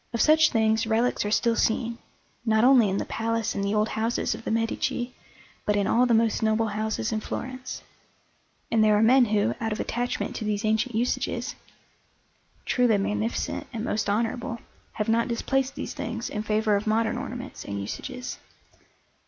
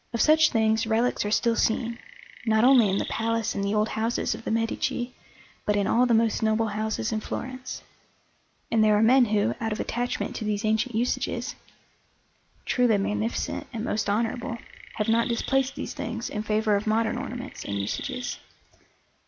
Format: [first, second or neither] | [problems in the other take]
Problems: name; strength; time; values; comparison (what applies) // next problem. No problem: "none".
first | background sound (Chirp, tweet); 14 dB below the speech